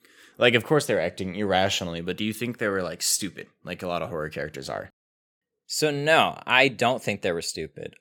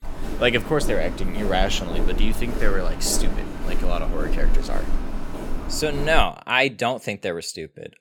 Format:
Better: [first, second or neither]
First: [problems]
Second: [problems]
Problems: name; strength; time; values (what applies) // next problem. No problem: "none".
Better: first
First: none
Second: footsteps; noticeable; until 6.5 s; peak 2 dB below the speech